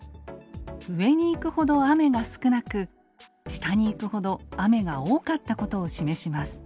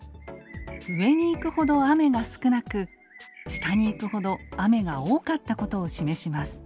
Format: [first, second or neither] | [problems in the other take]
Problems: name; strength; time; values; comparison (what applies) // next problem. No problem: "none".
first | background sound (Bird); 20 dB below the speech